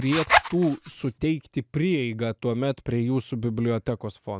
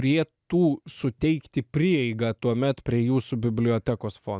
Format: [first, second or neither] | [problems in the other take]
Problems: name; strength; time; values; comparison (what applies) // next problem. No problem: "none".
second | background sound (Zipper (clothing)); as loud as the speech